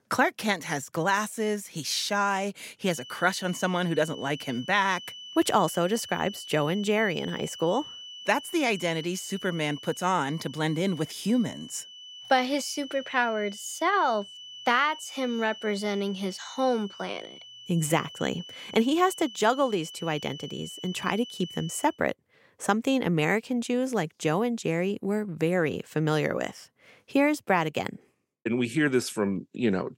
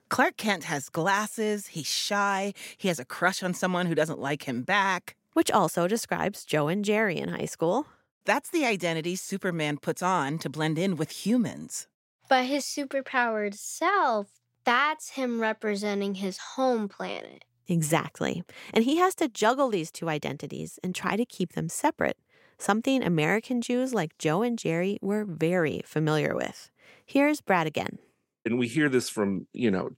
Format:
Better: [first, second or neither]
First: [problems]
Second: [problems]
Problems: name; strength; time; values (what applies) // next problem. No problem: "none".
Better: second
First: high-pitched whine; noticeable; from 3 to 22 s; 3 kHz, 15 dB below the speech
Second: none